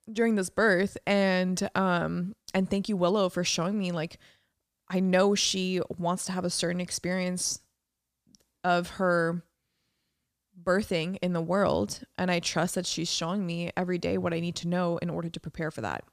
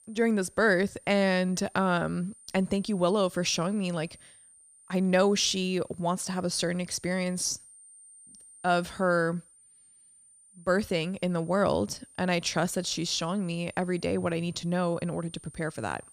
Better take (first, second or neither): first